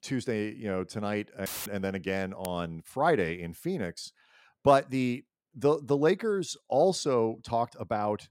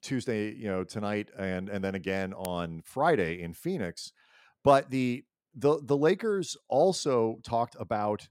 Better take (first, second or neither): second